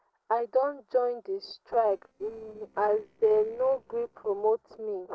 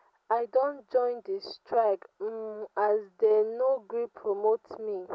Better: second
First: noise reduction (neural separator model SepFormer DNS4)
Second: none

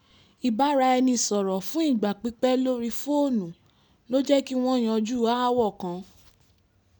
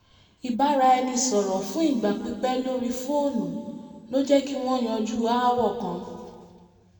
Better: first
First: none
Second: room echo; dies away in 1.9 s

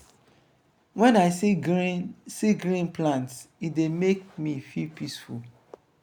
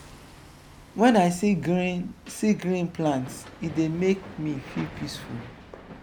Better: first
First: none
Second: background sound (Hammer); 18 dB below the speech

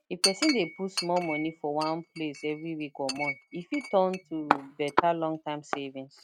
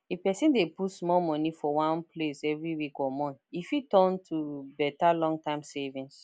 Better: second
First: noise reduction (neural mask model RNNoise)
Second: none

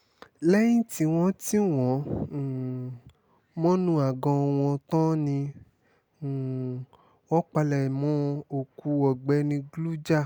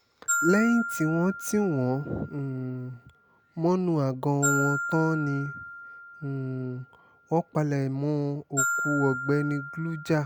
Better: first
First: none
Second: background sound (Glockenspiel); 7 dB below the speech

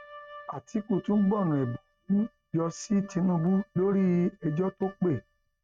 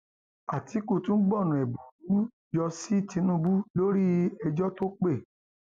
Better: second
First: noise reduction (neural mask model RNNoise)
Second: none

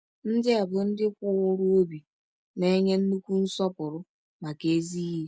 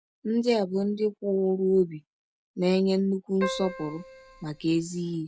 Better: first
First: none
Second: background sound (Keyboard (musical)); 11 dB below the speech

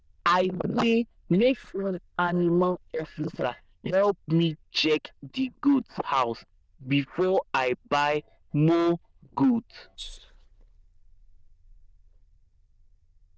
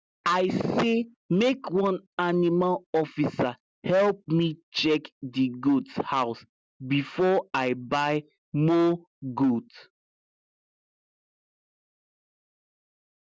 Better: second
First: noise reduction (neural diffusion model UNIVERSE++)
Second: none

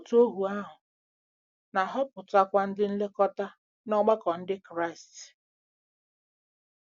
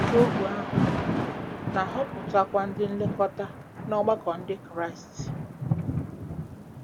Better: first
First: none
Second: background sound (Thunder / Rain); 1 dB below the speech

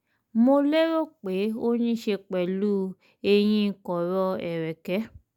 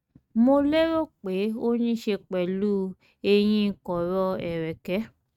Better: first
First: none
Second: noise reduction (neural mask model RNNoise)

